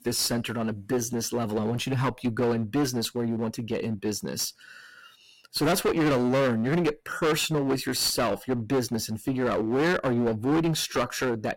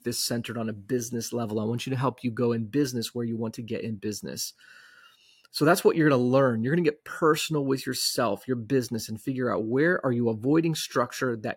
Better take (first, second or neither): second